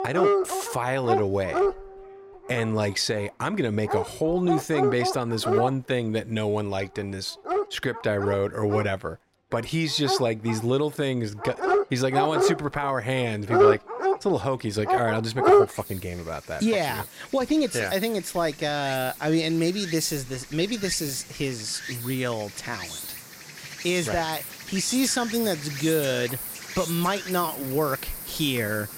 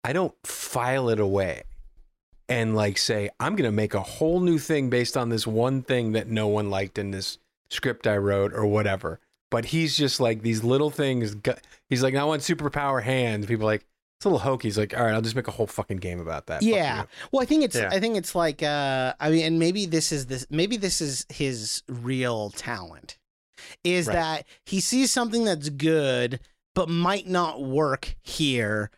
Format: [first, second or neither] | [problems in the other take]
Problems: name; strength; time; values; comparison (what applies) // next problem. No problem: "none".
second | animal sounds; loud; throughout; 2 dB below the speech